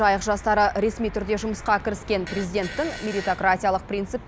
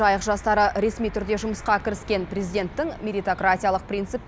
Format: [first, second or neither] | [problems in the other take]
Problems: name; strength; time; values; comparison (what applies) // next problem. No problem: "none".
second | background sound (Fart); 16 dB below the speech